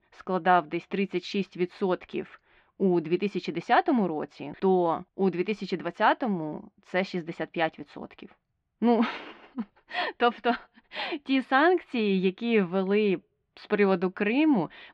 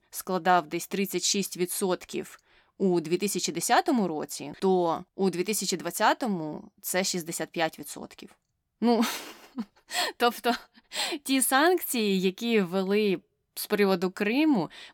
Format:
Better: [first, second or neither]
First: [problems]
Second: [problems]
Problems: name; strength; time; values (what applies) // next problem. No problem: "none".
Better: second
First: muffled; very; fading above 3 kHz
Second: none